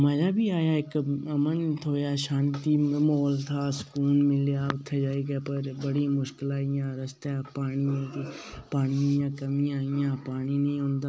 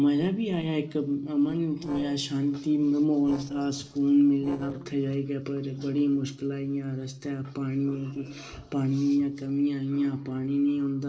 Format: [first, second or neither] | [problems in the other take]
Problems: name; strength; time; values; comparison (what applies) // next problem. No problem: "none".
first | noise reduction (neural separator model SepFormer DNS4)